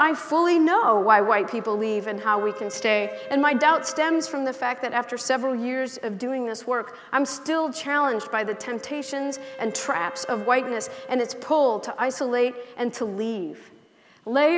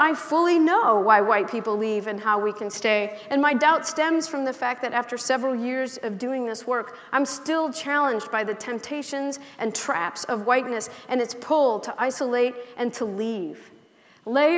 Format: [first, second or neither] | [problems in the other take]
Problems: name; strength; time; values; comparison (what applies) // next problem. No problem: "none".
second | background sound (Wind instrument, woodwind instrument); 19 dB below the speech